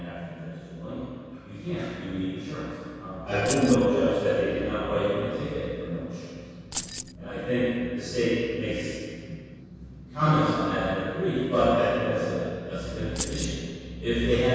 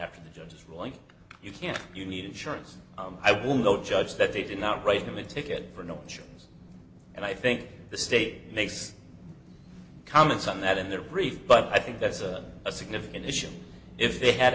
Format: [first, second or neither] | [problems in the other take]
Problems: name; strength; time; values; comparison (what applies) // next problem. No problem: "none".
second | background sound (Keys jangling); 9 dB below the speech // room echo; dies away in 2 s